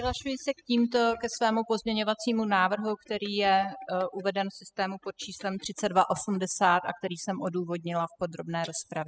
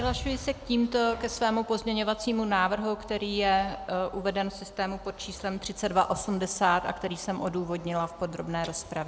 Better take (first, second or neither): second